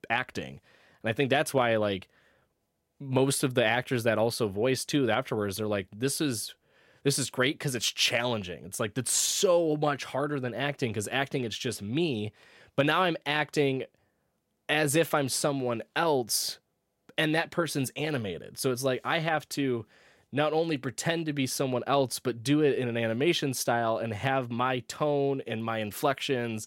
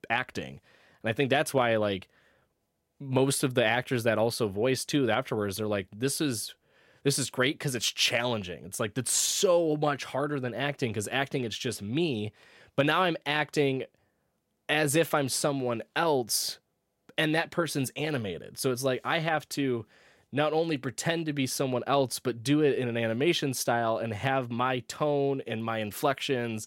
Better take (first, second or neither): neither